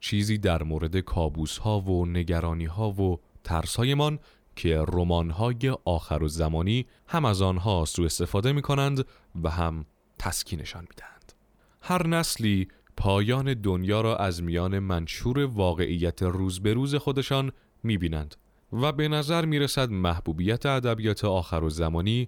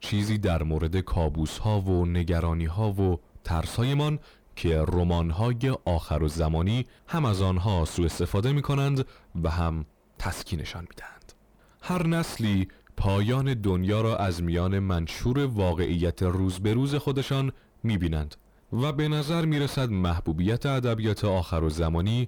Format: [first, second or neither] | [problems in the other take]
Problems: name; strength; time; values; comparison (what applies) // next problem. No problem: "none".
first | distortion; slight; 10 dB below the speech